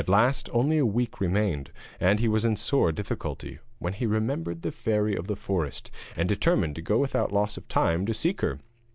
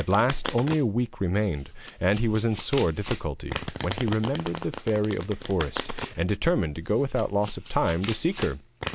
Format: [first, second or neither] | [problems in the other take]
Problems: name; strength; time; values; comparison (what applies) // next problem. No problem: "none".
first | background sound (Domestic sounds, home sounds); 12 dB below the speech